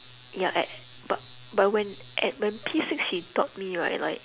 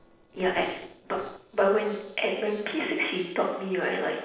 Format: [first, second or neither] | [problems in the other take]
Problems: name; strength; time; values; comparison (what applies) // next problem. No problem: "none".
first | noise reduction (neural separator model SepFormer DNS4)